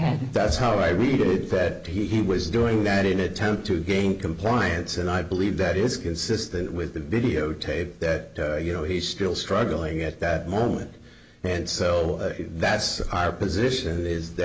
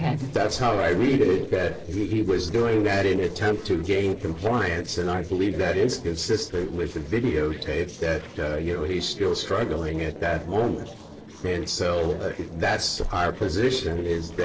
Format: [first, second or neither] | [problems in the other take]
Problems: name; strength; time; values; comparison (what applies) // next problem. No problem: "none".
first | noise reduction (neural separator model SepFormer DNS4)